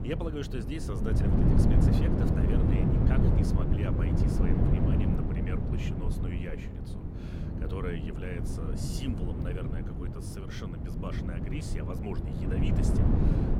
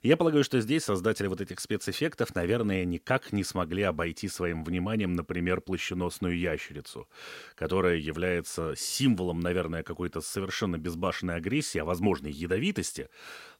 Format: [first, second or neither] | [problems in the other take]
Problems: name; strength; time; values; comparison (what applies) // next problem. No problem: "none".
second | wind noise on the microphone; heavy; 4 dB above the speech